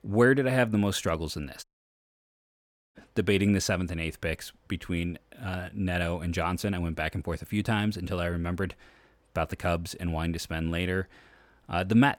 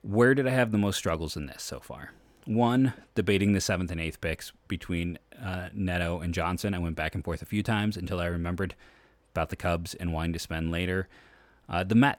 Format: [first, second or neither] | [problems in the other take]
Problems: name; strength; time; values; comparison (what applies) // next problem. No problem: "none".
second | audio cutting out; at 1.5 s for 1.5 s